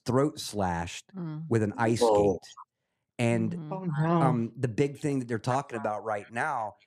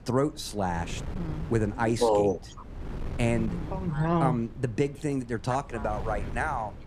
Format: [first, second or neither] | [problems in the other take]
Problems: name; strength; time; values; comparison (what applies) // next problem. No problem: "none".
first | wind noise on the microphone; occasional gusts; 15 dB below the speech